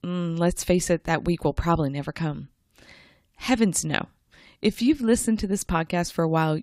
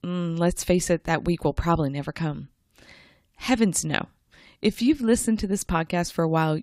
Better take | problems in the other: neither | none

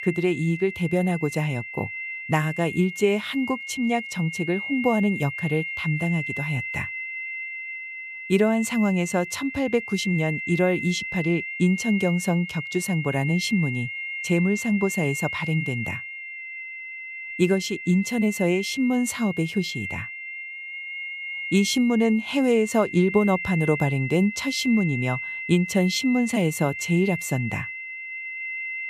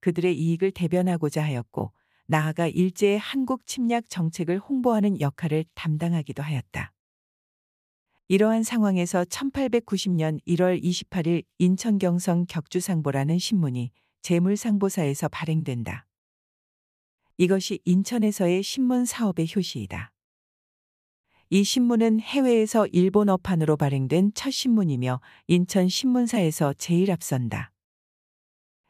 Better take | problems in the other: second | high-pitched whine; loud; throughout; 2 kHz, 7 dB below the speech

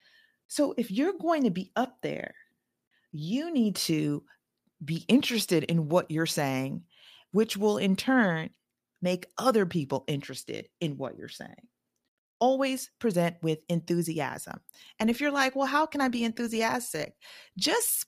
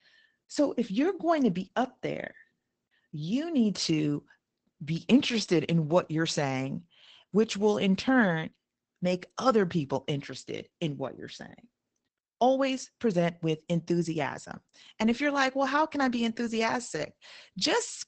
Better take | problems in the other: first | garbled, watery; badly; nothing above 8 kHz

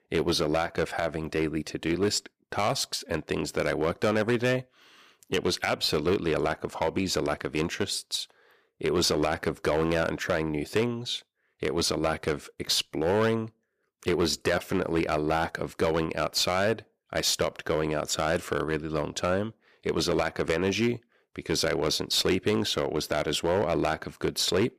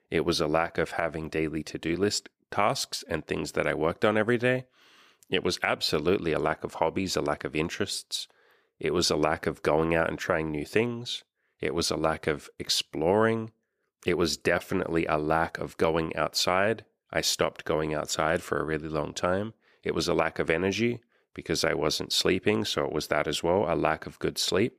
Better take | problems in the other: second | distortion; slight; 5% of the sound clipped

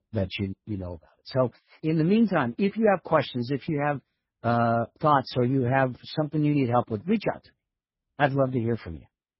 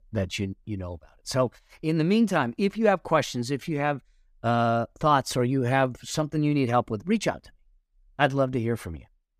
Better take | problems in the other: second | garbled, watery; badly; nothing above 5.5 kHz

